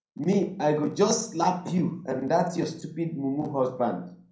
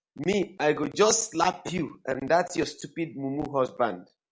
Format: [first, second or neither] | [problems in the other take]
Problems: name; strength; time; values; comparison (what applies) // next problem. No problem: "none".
second | room echo; dies away in 0.6 s